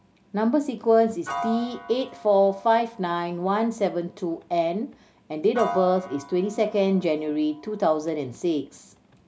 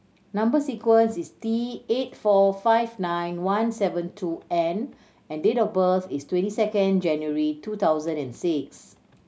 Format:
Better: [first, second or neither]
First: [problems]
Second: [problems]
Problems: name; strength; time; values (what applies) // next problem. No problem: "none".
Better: second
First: background sound (Piano); 15 dB below the speech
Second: none